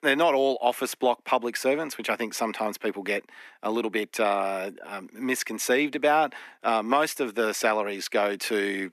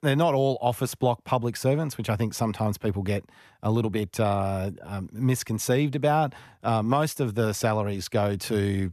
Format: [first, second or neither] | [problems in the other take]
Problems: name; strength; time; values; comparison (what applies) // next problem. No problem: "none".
second | thin; somewhat; fading below 250 Hz